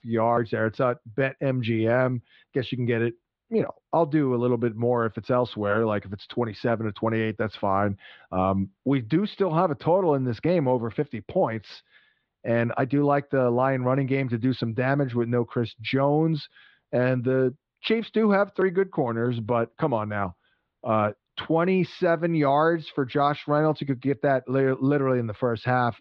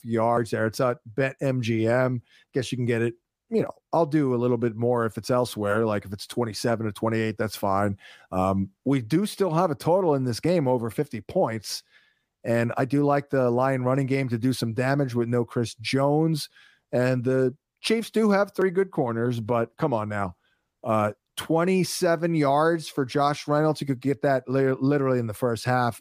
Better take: second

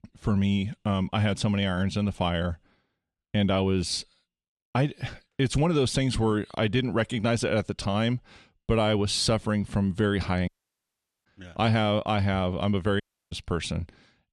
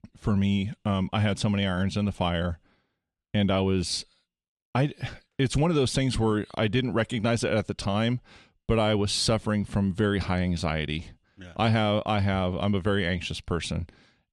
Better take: second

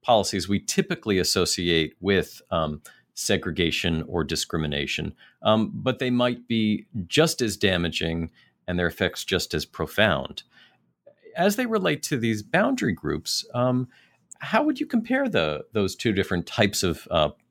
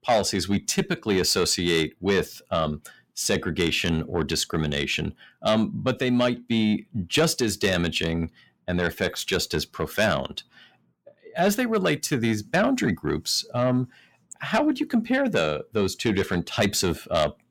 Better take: first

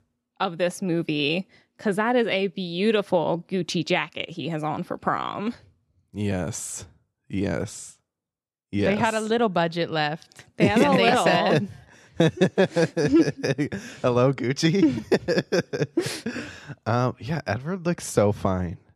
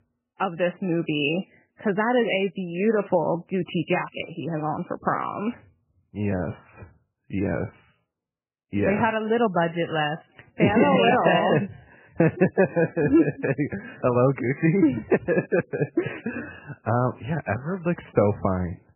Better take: first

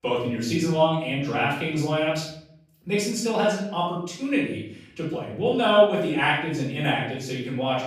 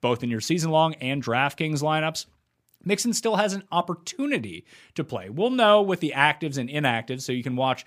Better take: second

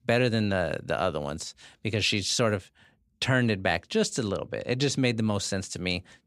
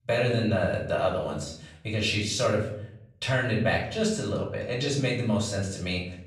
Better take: first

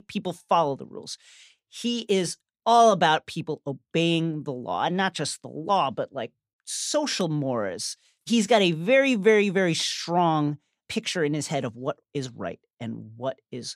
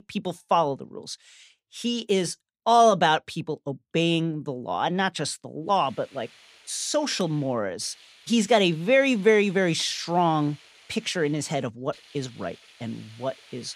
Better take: first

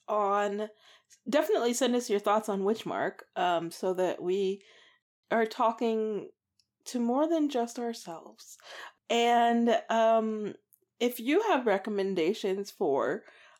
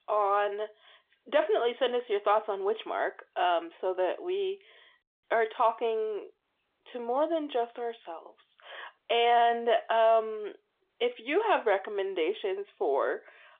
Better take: first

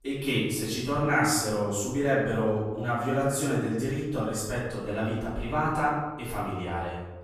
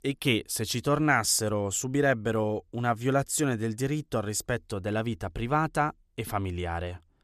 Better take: second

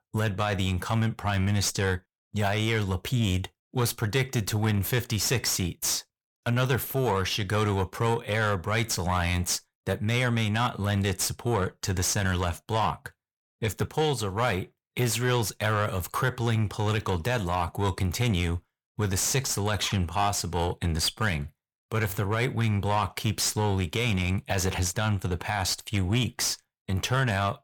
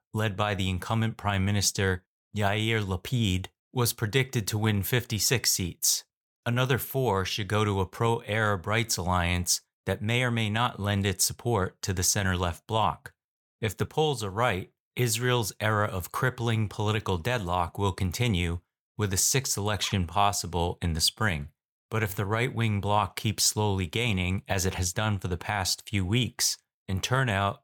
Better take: second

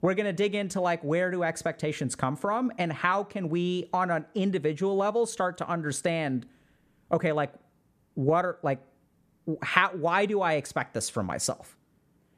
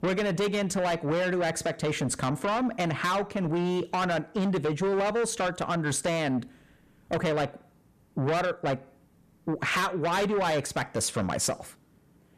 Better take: first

